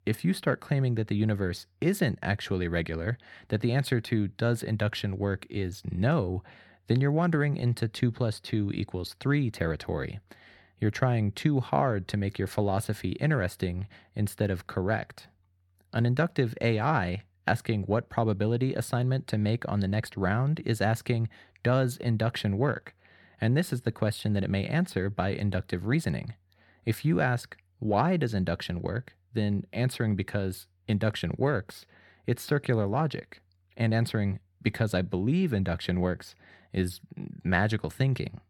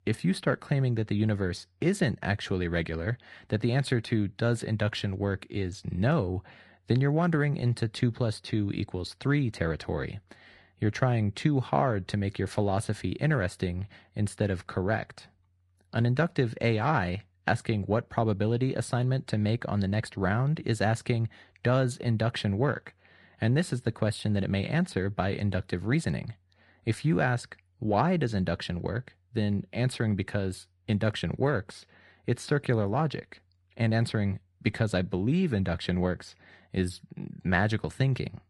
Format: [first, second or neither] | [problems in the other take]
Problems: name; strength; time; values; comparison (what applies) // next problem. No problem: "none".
first | garbled, watery; slightly; nothing above 10.5 kHz